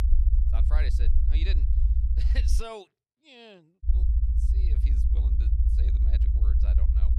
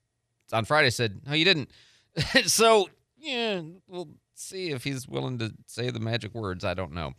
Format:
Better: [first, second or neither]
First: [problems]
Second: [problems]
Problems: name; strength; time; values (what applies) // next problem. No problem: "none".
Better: second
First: low rumble; loud; until 2.5 s and from 4 s on; 2 dB below the speech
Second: none